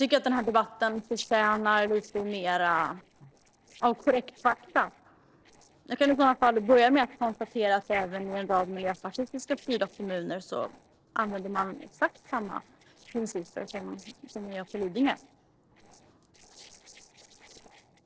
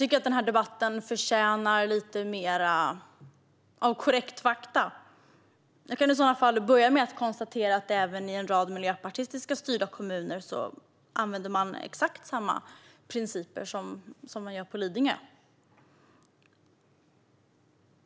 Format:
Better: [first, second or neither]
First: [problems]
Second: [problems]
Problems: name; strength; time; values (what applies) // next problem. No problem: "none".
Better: second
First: noise reduction (neural separator model SepFormer DNS4)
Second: none